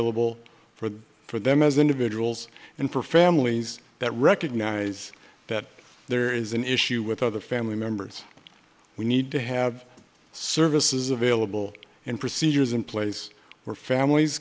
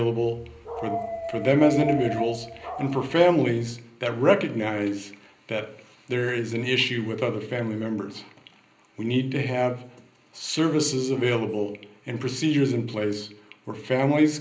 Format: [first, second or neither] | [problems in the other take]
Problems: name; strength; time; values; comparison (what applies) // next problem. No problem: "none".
first | background sound (Dog); 8 dB below the speech // room echo; dies away in 0.5 s